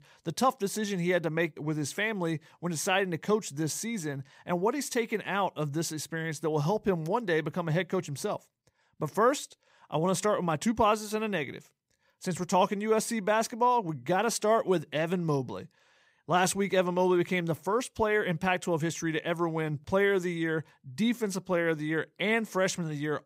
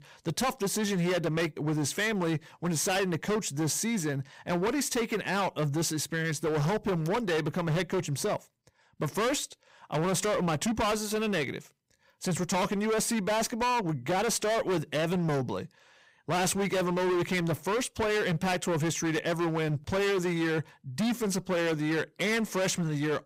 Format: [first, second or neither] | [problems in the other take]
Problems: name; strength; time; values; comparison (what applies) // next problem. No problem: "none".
first | distortion; heavy; 24% of the sound clipped